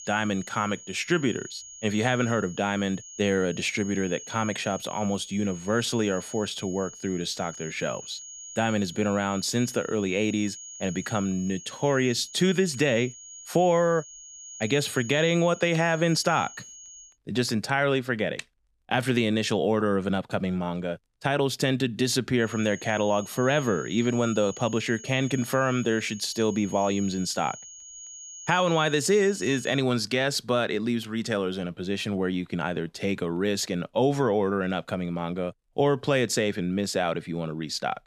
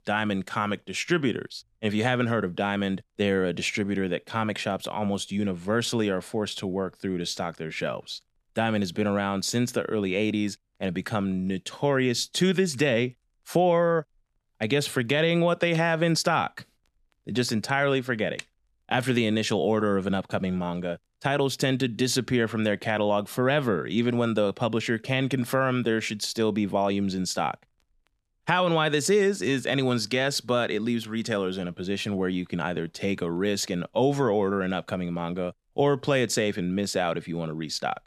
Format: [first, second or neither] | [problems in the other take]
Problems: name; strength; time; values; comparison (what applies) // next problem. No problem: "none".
second | high-pitched whine; noticeable; until 17 s and from 22 to 30 s; 6.5 kHz, 15 dB below the speech